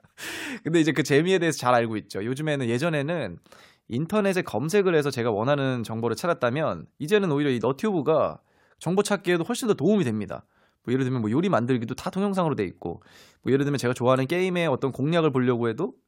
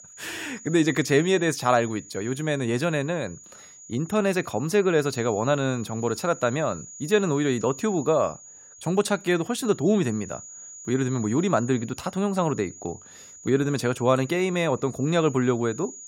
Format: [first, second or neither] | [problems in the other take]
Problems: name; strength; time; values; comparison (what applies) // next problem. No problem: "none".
first | high-pitched whine; noticeable; throughout; 7 kHz, 15 dB below the speech